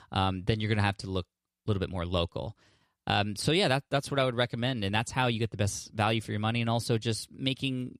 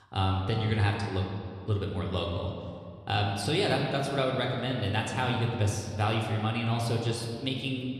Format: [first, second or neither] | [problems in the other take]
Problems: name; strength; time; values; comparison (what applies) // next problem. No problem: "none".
first | room echo; noticeable; dies away in 1.9 s